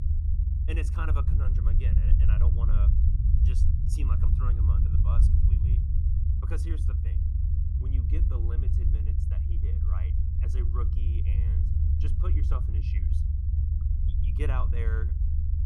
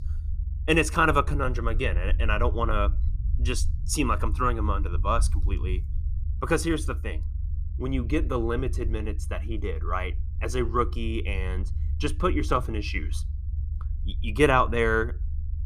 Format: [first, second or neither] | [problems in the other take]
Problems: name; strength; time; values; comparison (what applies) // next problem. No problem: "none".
second | low rumble; loud; throughout; as loud as the speech; faint in the second